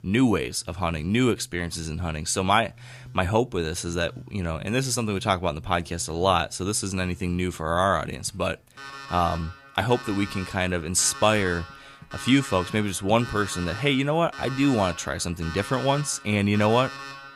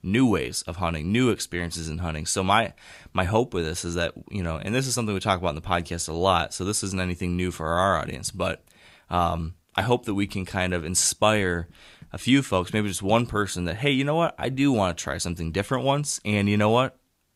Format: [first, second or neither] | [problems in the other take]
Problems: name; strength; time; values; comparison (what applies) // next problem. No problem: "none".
second | alarms or sirens; noticeable; throughout; 15 dB below the speech